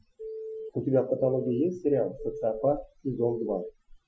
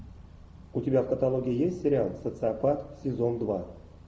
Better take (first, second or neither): second